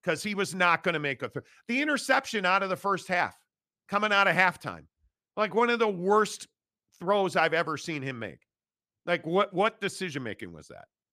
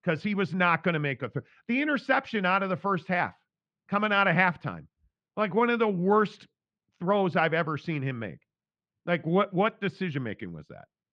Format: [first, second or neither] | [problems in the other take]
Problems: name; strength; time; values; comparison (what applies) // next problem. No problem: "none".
first | muffled; slightly; fading above 3 kHz